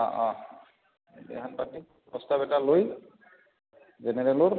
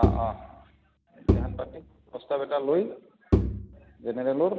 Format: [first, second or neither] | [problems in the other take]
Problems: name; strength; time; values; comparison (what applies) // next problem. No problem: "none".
first | background sound (Bowed string instrument); 2 dB above the speech